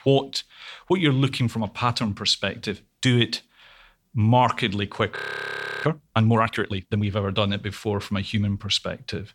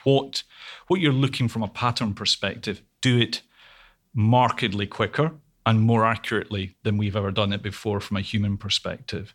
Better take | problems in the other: second | audio freezing; at 5 s for 0.5 s

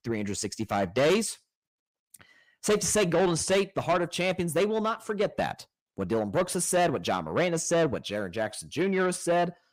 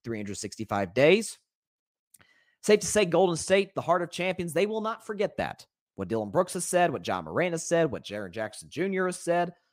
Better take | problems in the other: second | distortion; heavy; 8 dB below the speech

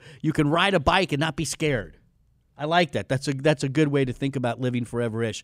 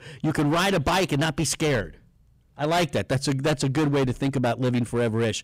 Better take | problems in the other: first | distortion; heavy; 18% of the sound clipped

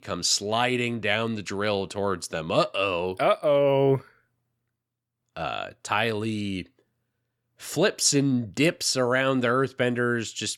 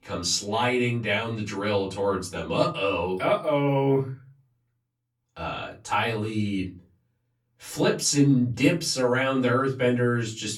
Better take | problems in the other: first | room echo; very slight; dies away in 0.3 s // off-mic speech; far

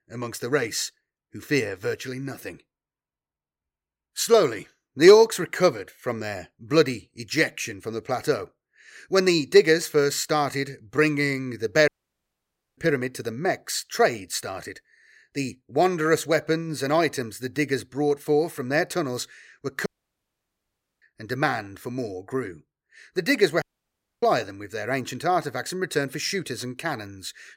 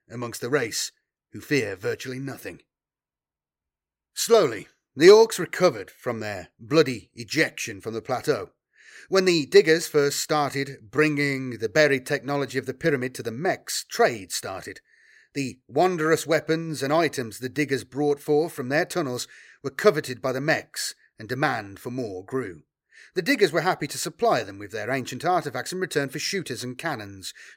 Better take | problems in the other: second | audio cutting out; at 12 s for 1 s, at 20 s for 1 s and at 24 s for 0.5 s

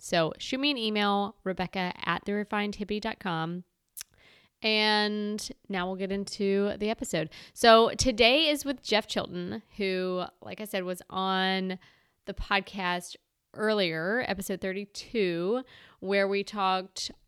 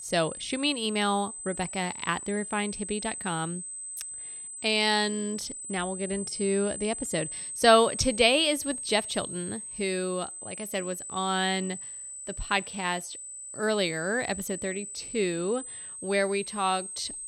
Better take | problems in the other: first | high-pitched whine; loud; throughout; 8 kHz, 8 dB below the speech

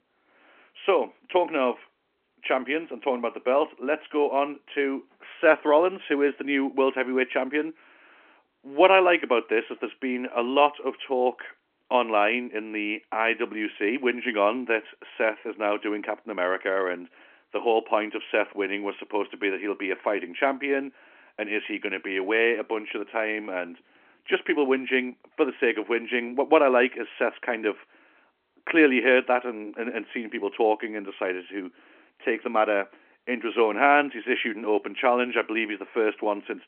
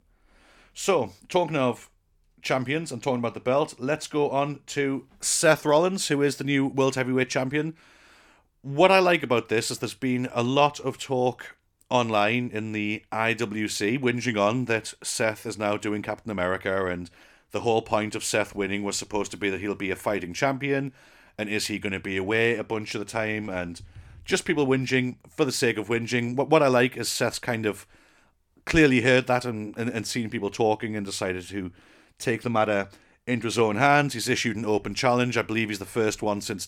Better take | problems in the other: second | phone-call audio

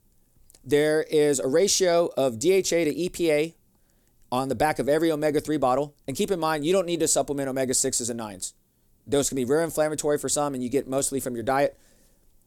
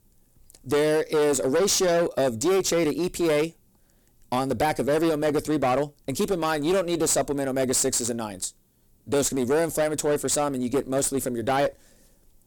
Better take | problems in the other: first | distortion; slight; 14% of the sound clipped

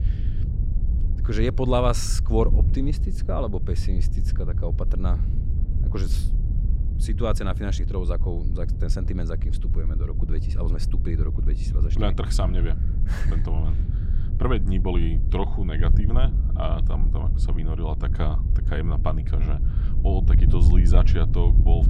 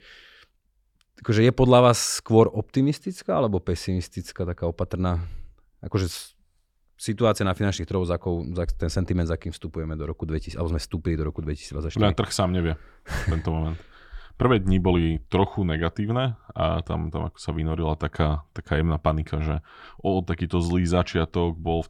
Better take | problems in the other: second | wind noise on the microphone; heavy; 9 dB below the speech

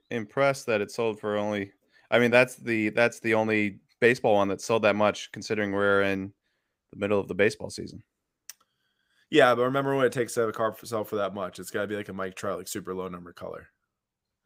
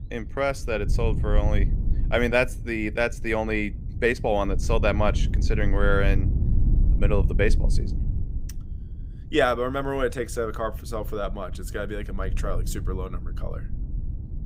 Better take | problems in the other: first | low rumble; noticeable; throughout; 15 dB below the speech

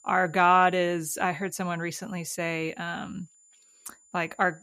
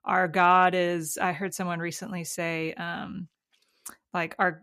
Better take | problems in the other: second | high-pitched whine; faint; throughout; 7 kHz, 30 dB below the speech

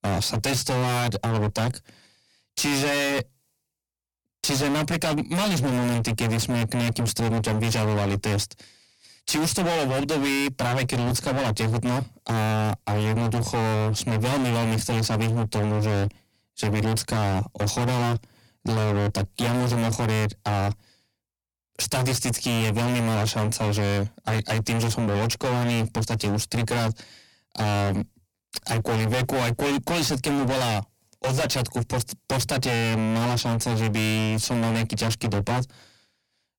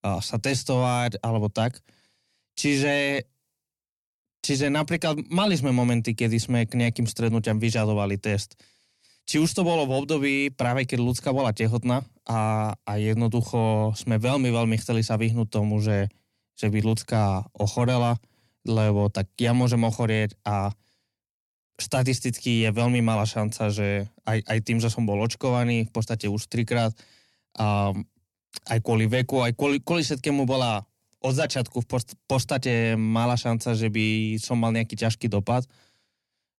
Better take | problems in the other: second | distortion; heavy; 41% of the sound clipped

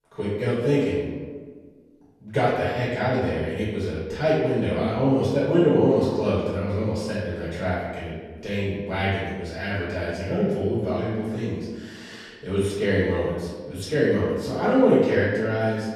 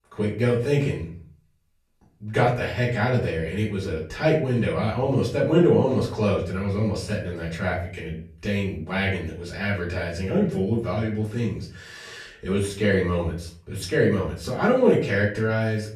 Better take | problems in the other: second | room echo; strong; dies away in 1.3 s; slight in the second // off-mic speech; far; far in the second

